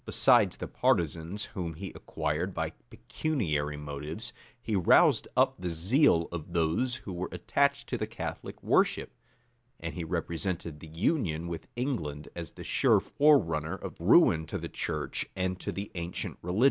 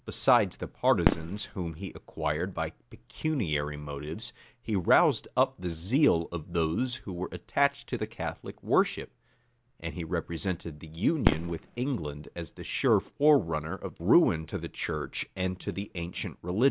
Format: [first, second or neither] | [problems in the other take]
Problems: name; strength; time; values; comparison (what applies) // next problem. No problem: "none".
first | background sound (Fireworks); 5 dB below the speech